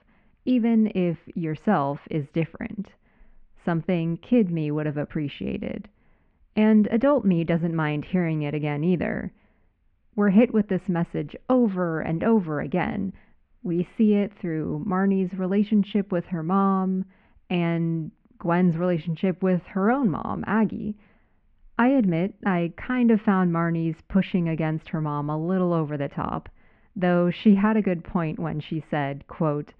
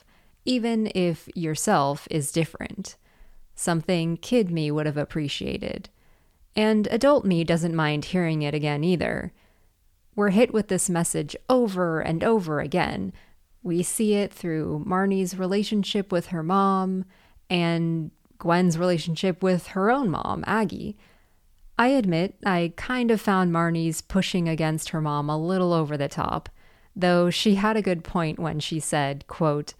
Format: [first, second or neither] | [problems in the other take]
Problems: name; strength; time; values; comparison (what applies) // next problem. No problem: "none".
second | muffled; very; fading above 2.5 kHz